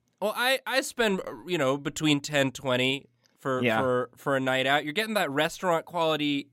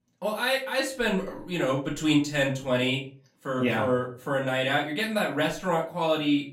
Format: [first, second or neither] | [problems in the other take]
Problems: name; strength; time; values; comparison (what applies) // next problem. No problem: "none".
first | room echo; slight; dies away in 0.3 s // off-mic speech; far